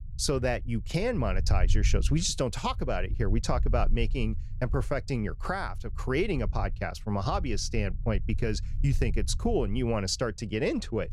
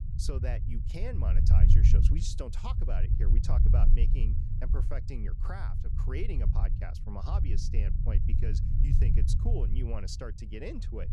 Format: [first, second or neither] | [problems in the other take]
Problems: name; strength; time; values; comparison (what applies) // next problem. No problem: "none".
first | low rumble; loud; throughout; 2 dB below the speech; faint in the first